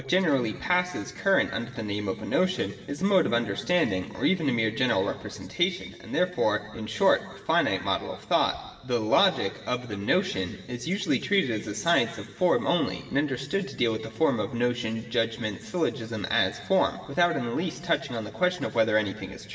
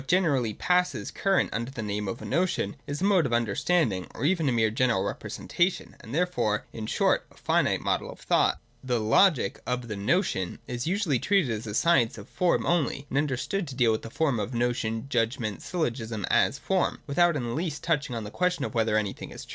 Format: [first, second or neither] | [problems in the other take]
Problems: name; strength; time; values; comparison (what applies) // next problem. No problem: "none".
second | room echo; dies away in 2.8 s